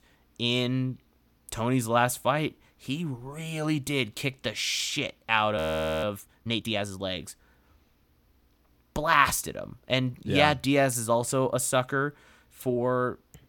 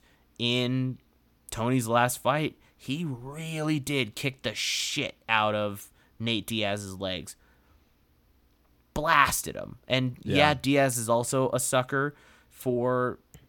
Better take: second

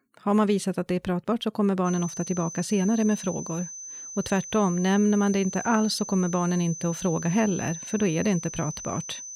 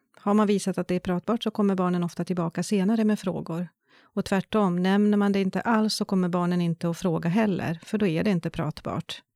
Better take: second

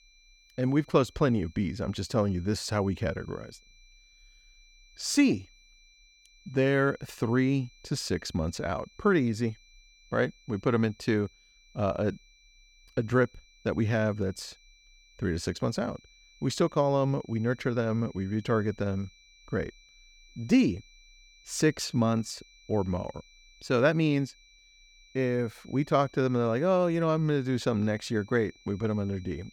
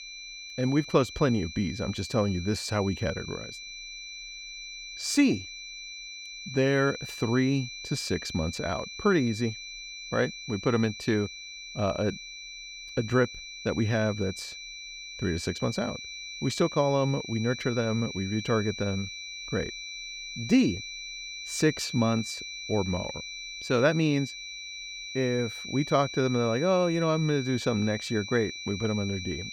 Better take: first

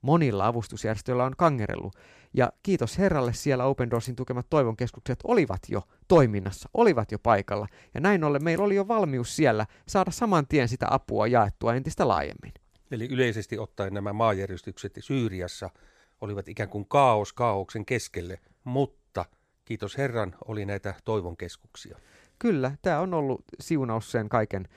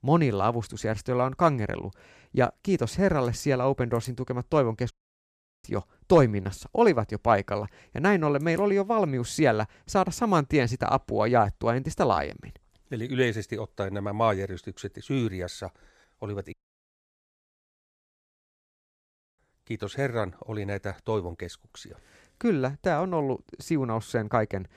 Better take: first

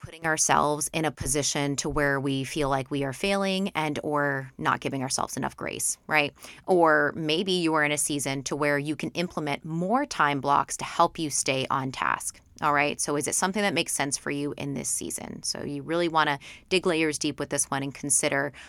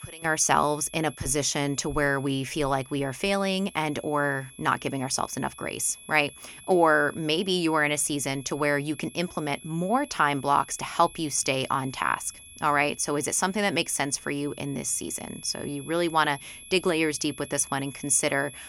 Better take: first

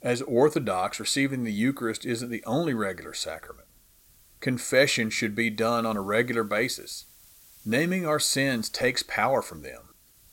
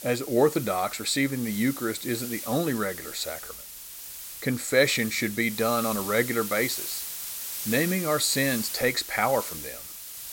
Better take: first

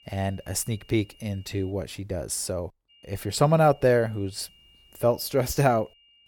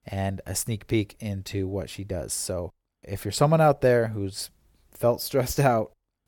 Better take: second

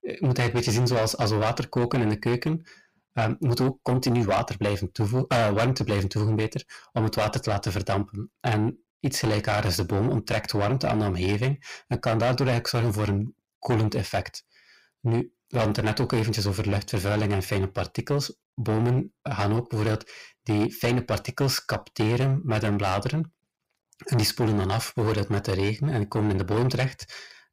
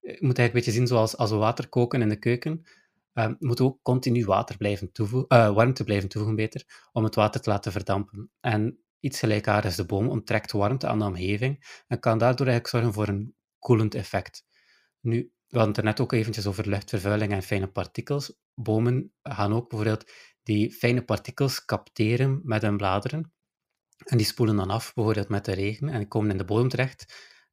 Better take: second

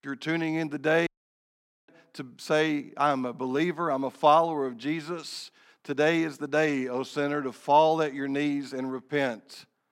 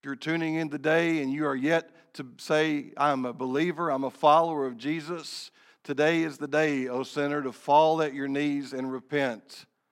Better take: second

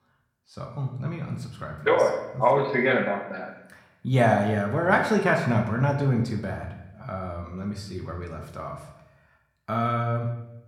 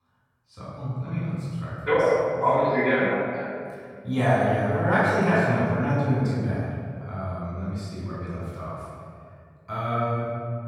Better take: first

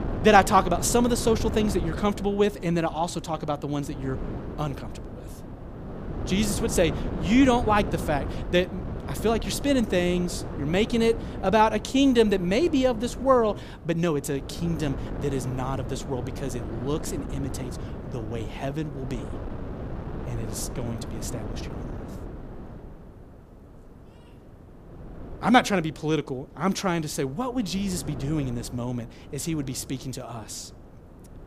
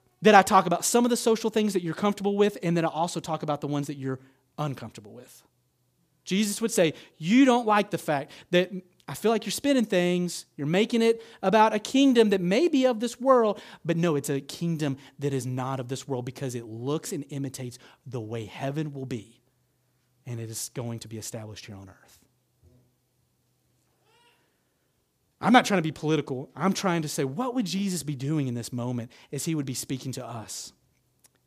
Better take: second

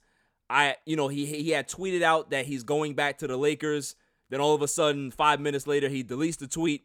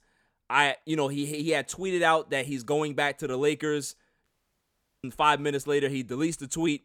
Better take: first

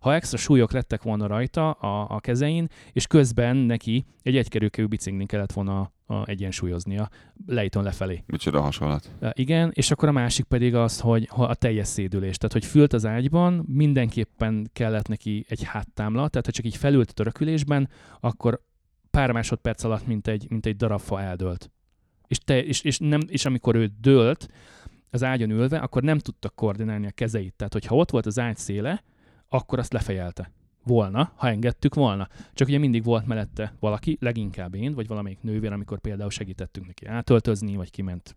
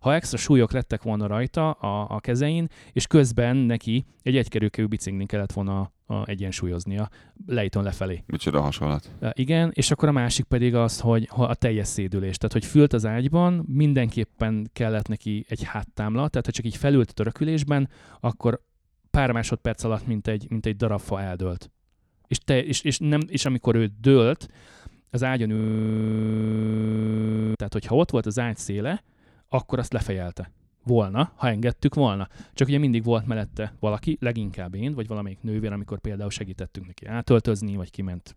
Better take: first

